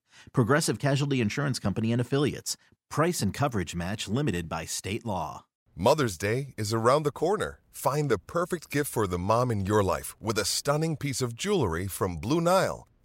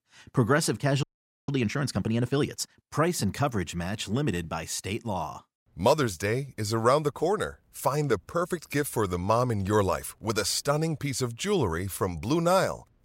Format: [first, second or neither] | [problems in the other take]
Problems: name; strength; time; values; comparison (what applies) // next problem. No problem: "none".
first | audio freezing; at 1 s